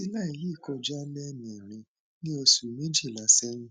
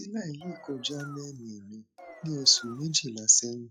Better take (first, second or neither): first